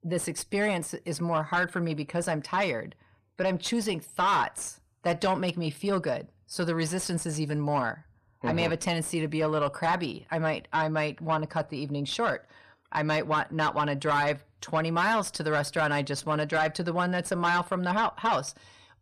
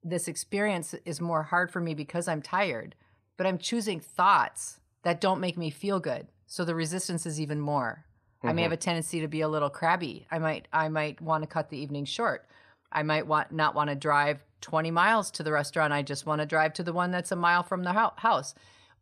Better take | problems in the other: second | distortion; slight; 10 dB below the speech

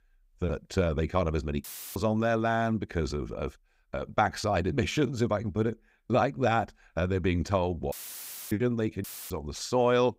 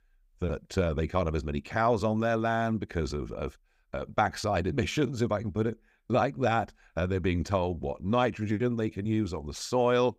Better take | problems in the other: second | audio cutting out; filled with static; at 1.5 s, at 8 s for 0.5 s and at 9 s

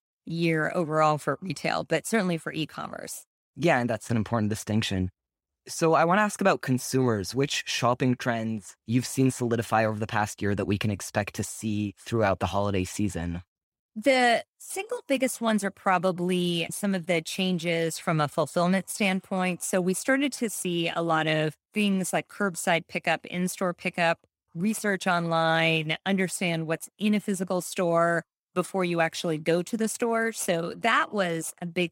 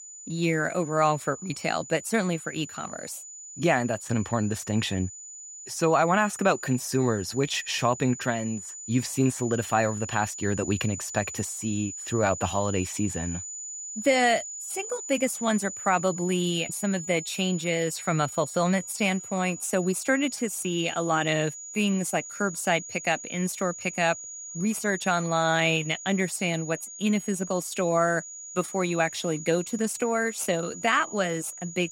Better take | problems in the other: first | high-pitched whine; noticeable; throughout; 7 kHz, 10 dB below the speech

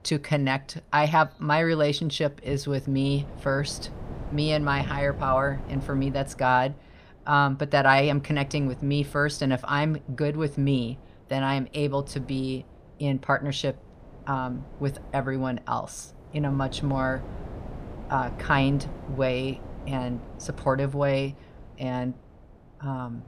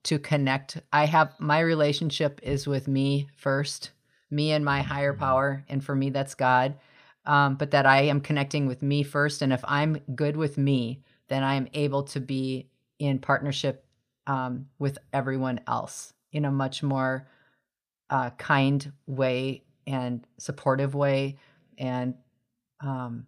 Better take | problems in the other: second | wind noise on the microphone; occasional gusts; 20 dB below the speech

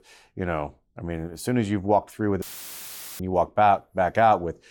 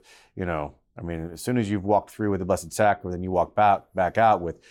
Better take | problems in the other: second | audio cutting out; filled with static; at 2.5 s for 1 s

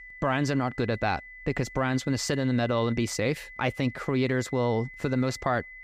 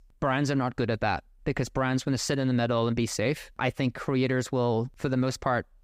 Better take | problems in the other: second | high-pitched whine; noticeable; throughout; 2 kHz, 15 dB below the speech

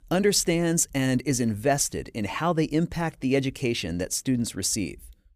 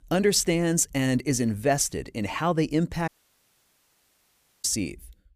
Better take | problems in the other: first | audio cutting out; at 3 s for 1.5 s

